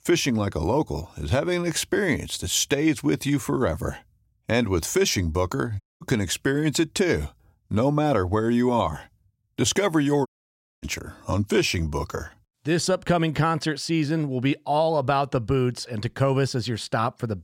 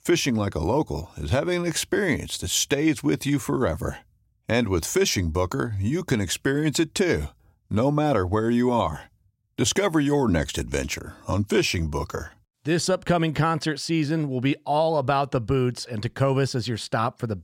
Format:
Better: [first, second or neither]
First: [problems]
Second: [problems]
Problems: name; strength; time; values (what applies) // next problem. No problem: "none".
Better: second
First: audio cutting out; at 6 s and at 10 s for 0.5 s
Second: none